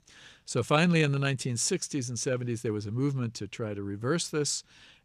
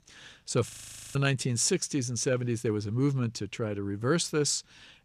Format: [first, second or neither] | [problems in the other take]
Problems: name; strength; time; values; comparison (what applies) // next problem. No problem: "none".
first | audio freezing; at 0.5 s